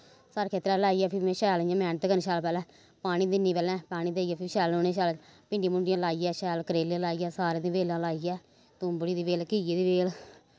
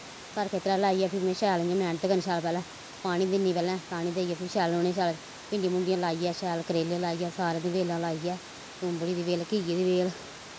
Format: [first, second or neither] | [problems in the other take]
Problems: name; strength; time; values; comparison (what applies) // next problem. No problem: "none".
first | background sound (Water); 16 dB below the speech